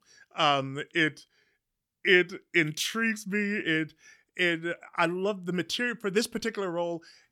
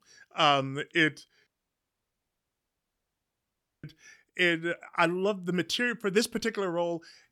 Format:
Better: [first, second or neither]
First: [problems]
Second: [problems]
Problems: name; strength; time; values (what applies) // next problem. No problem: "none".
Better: first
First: none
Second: audio cutting out; at 1.5 s for 2.5 s